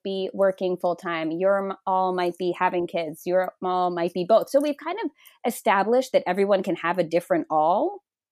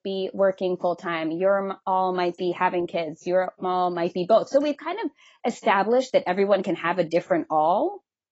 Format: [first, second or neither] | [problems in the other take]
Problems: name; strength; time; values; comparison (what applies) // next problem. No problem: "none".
first | garbled, watery; badly; nothing above 7.5 kHz